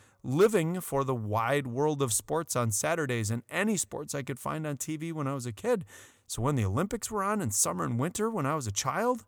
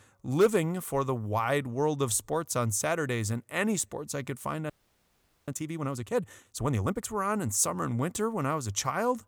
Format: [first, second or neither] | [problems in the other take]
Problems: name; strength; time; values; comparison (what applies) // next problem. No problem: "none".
first | audio freezing; at 4.5 s for 1 s